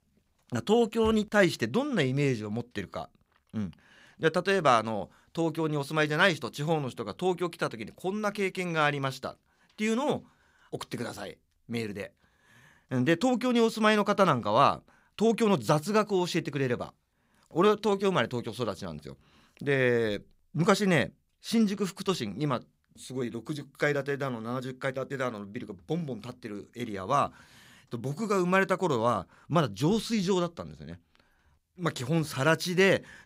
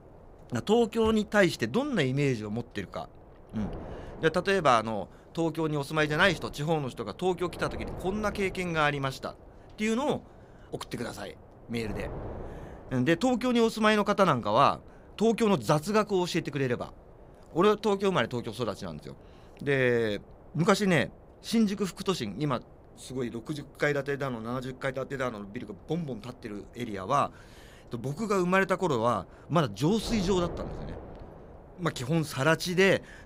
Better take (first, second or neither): first